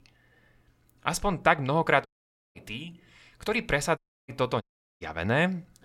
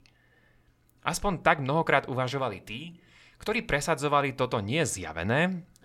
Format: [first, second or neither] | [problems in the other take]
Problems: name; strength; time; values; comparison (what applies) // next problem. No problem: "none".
second | audio cutting out; at 2 s, at 4 s and at 4.5 s